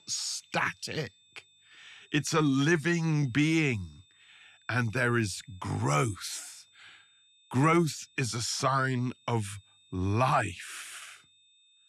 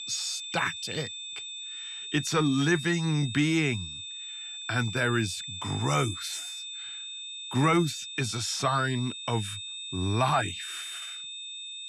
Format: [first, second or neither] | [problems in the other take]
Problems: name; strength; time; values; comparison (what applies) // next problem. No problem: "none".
first | high-pitched whine; loud; throughout; 3.5 kHz, 8 dB below the speech; faint in the first